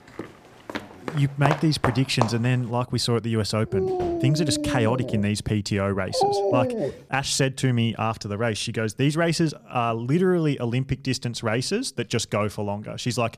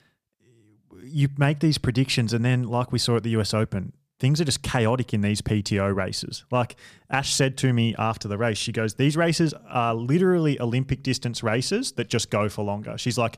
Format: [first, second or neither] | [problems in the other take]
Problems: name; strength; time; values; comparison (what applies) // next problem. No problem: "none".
second | footsteps; noticeable; until 2.5 s; peak 3 dB below the speech // dog barking; loud; from 3.5 to 7 s; peak 2 dB above the speech